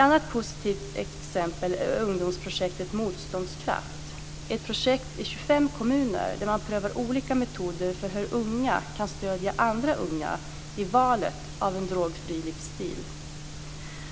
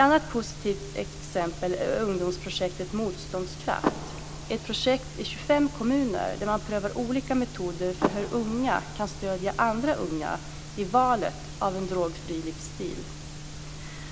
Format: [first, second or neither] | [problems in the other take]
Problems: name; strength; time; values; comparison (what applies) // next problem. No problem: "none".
first | background sound (Car); 11 dB below the speech